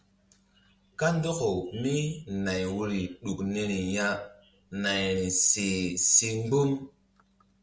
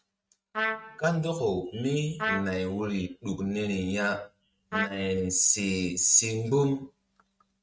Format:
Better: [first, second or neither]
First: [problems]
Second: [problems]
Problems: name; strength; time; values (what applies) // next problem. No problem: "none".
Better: first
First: none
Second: noise reduction (neural mask model RNNoise)